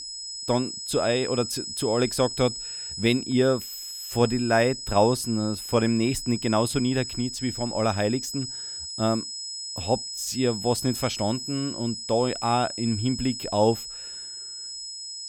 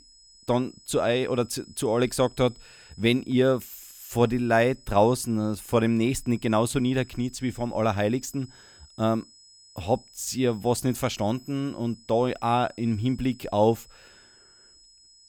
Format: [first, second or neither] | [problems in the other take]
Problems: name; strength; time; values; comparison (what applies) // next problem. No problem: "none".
second | high-pitched whine; loud; throughout; 5 kHz, 7 dB below the speech; faint in the second